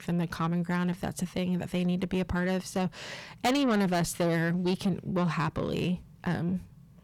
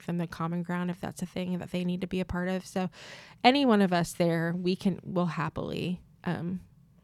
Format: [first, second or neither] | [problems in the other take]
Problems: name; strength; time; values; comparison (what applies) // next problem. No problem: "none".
second | distortion; heavy; 7 dB below the speech